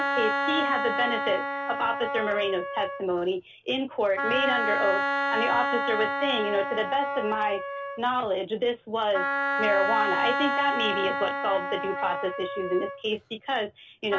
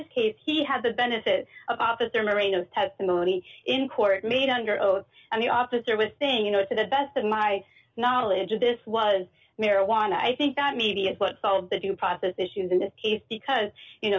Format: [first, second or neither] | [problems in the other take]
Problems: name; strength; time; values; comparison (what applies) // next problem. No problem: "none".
second | background sound (Wind instrument, woodwind instrument); 1 dB below the speech